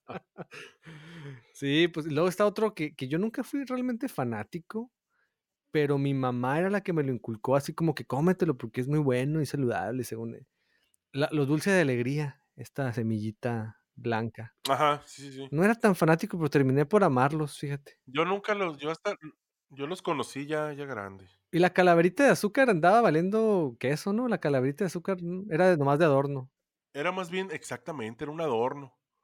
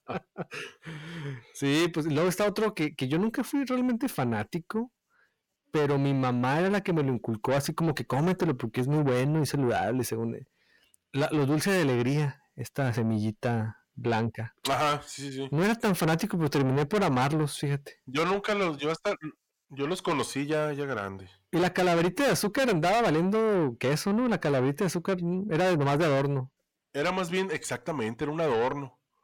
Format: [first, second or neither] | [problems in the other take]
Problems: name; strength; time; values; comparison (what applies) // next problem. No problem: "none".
first | distortion; heavy; 6 dB below the speech